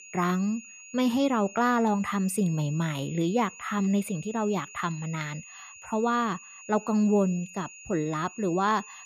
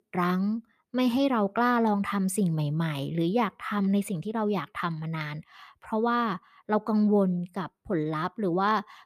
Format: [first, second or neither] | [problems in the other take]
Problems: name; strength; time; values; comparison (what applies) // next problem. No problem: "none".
second | high-pitched whine; noticeable; throughout; 7 kHz, 15 dB below the speech